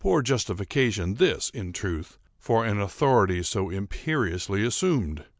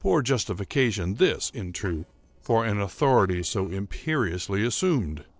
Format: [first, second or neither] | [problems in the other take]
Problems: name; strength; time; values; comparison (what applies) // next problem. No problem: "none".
first | noise reduction (neural separator model SepFormer DNS4)